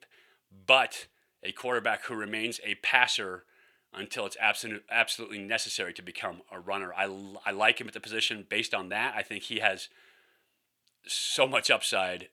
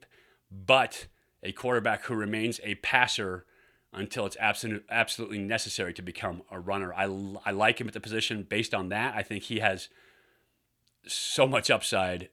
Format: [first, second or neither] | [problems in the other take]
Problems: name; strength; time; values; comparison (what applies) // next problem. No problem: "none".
second | thin; very slightly; fading below 500 Hz